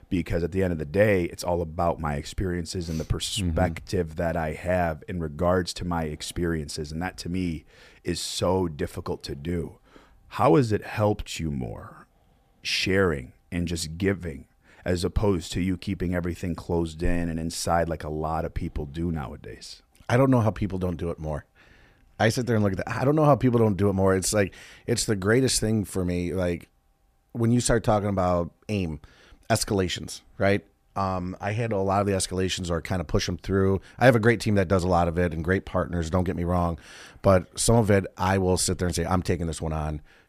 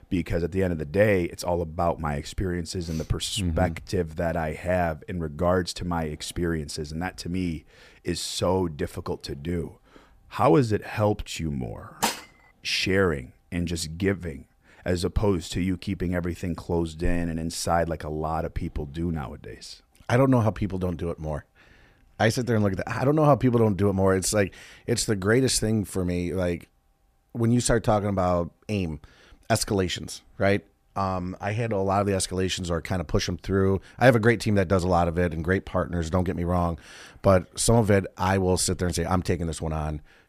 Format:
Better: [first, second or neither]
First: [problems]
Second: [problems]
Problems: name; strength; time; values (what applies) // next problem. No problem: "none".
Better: first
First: none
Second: clattering dishes; noticeable; at 12 s; peak 2 dB below the speech